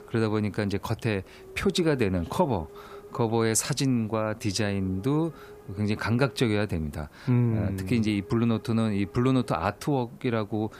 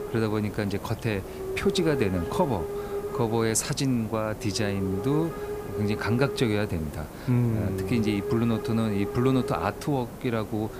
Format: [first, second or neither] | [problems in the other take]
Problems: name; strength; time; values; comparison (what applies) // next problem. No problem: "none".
first | hiss; loud; throughout; 7 dB below the speech; faint in the first